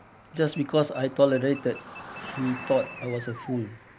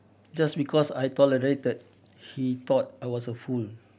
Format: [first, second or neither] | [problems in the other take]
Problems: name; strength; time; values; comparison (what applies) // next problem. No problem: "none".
second | background sound (Cricket + Alarm); 15 dB below the speech